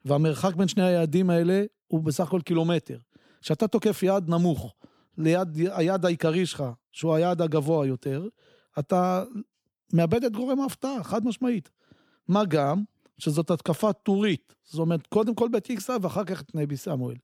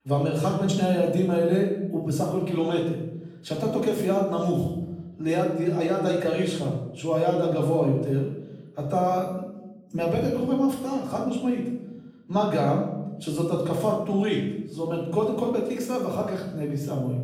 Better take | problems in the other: first | room echo; noticeable; dies away in 0.8 s // off-mic speech; far

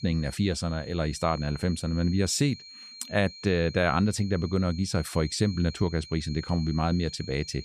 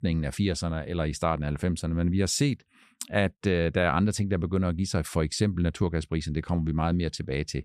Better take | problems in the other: second | high-pitched whine; noticeable; throughout; 4 kHz, 15 dB below the speech

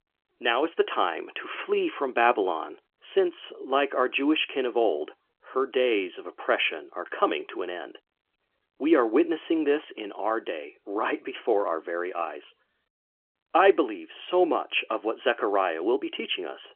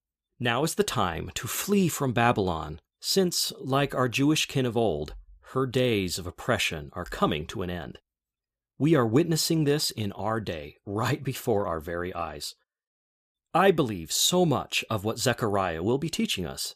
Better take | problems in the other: second | phone-call audio; nothing above 3 kHz

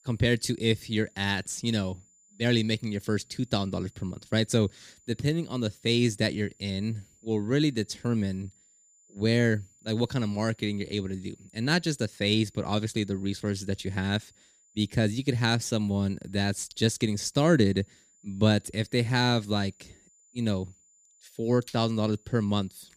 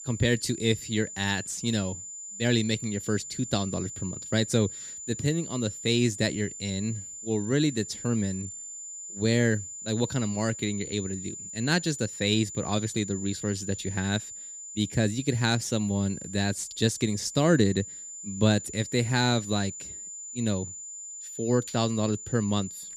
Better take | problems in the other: first | high-pitched whine; loud; throughout; 7 kHz, 10 dB below the speech; faint in the first

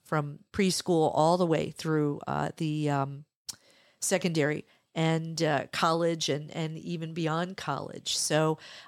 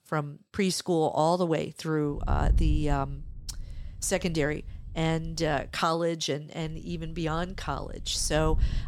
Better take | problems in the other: first | wind noise on the microphone; occasional gusts; from 2 to 5.5 s and from 6.5 s on; 25 dB below the speech

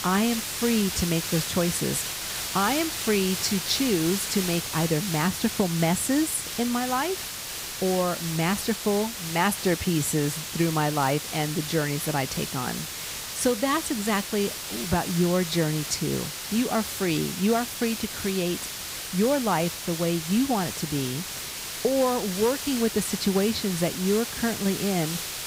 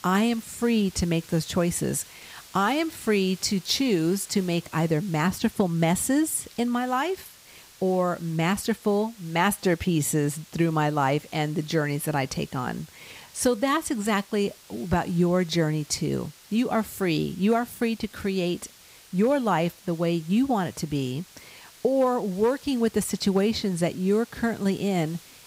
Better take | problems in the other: second | hiss; loud; throughout; 5 dB below the speech; faint in the second

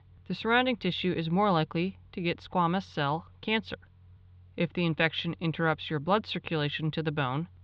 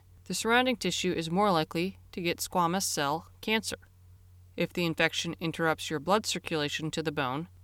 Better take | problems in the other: second | muffled; slightly; fading above 3.5 kHz

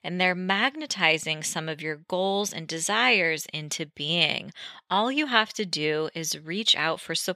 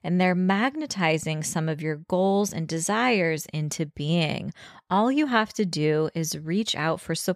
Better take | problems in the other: second | thin; very slightly; fading below 750 Hz

